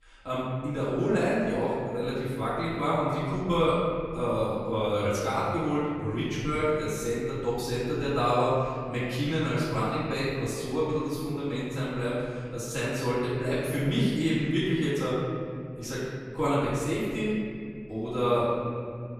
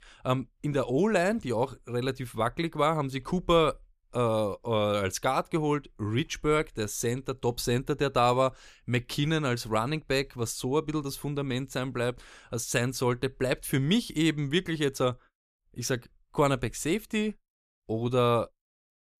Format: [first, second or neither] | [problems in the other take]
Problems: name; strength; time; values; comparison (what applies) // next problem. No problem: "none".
second | room echo; strong; dies away in 2.4 s // off-mic speech; far